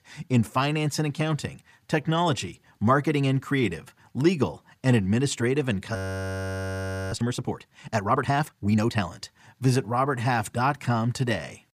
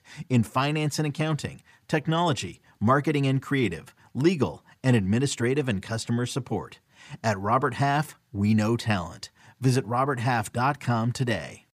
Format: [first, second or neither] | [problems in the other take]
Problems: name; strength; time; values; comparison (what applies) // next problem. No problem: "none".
second | audio freezing; at 6 s for 1 s